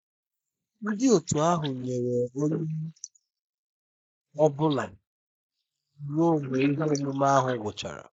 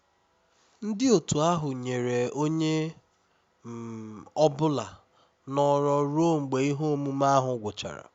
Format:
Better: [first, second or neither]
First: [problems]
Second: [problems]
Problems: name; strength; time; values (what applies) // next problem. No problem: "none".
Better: second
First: noise reduction (neural mask model Resemble Enhance denoiser)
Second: none